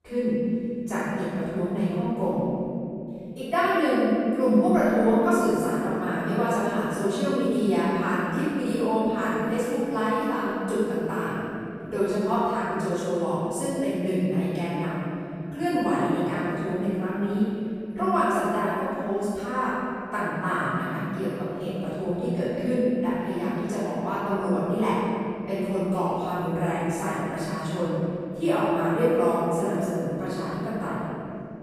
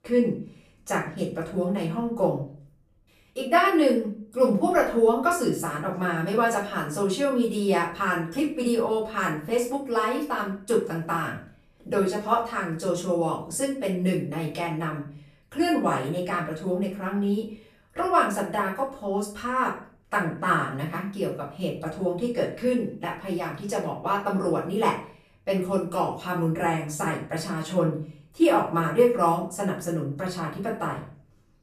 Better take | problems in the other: second | room echo; strong; dies away in 3 s; slight in the second // off-mic speech; far; far in the second

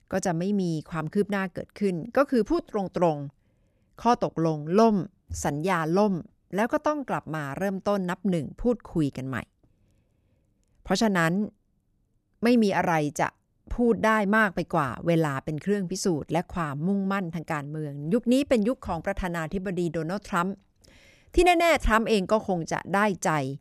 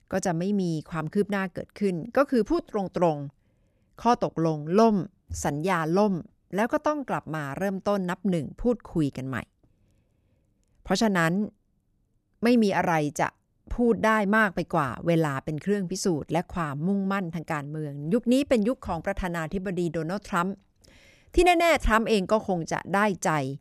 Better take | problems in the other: neither | none

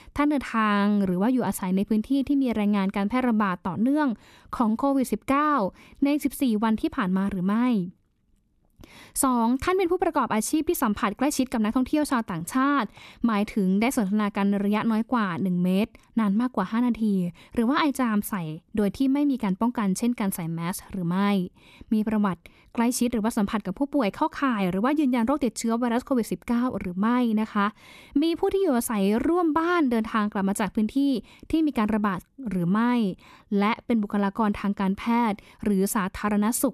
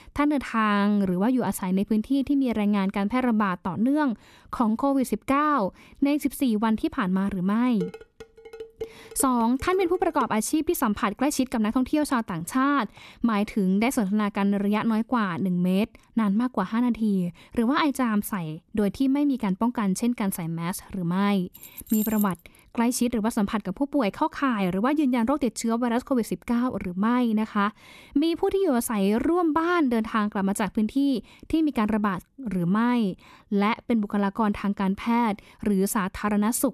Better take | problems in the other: first | clattering dishes; faint; from 8 to 10 s; peak 15 dB below the speech // jangling keys; noticeable; at 22 s; peak 7 dB below the speech

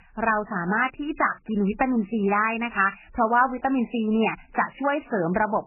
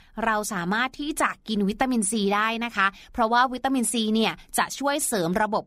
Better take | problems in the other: second | garbled, watery; badly; nothing above 3 kHz

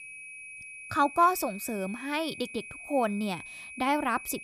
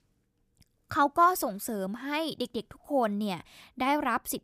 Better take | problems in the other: second | high-pitched whine; noticeable; throughout; 2.5 kHz, 10 dB below the speech

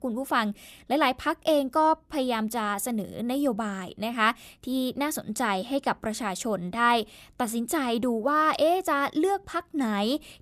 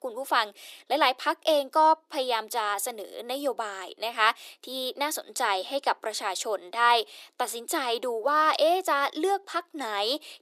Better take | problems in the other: first | thin; very; fading below 350 Hz

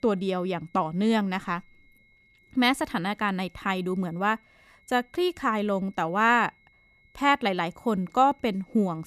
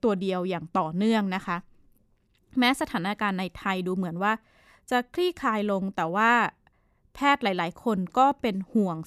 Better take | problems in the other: second | high-pitched whine; faint; throughout; 2 kHz, 35 dB below the speech

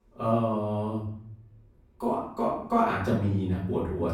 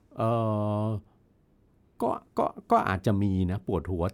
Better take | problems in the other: second | off-mic speech; far // room echo; noticeable; dies away in 0.6 s

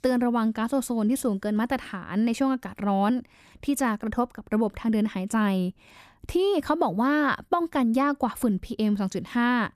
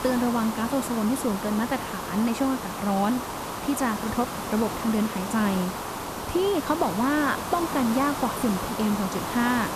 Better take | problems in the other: first | hiss; loud; throughout; 5 dB below the speech

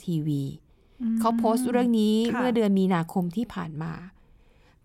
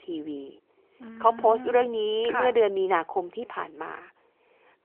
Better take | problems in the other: first | phone-call audio; nothing above 3 kHz

